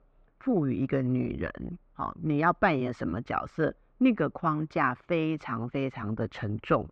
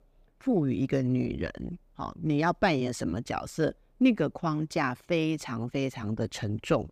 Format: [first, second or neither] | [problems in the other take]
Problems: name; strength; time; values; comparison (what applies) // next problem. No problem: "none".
second | muffled; very; fading above 2 kHz